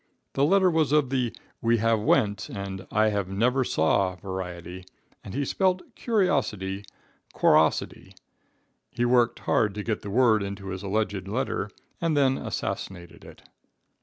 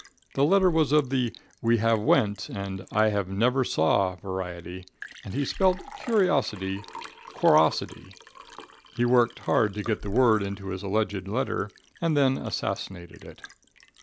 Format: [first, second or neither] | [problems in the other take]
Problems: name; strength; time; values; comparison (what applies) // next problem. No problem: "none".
first | background sound (Liquid); 18 dB below the speech